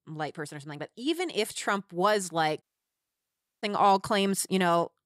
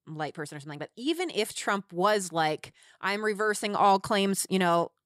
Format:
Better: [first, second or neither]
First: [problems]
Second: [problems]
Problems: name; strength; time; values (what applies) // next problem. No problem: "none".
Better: second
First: audio cutting out; at 2.5 s for 1 s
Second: none